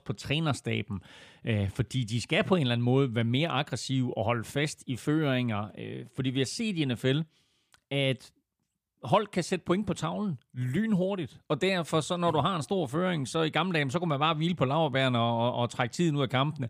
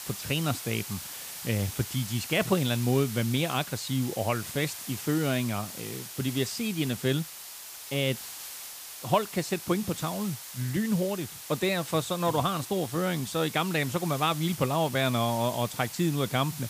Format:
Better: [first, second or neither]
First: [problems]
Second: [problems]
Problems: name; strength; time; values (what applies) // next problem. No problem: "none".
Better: first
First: none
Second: hiss; loud; throughout; 9 dB below the speech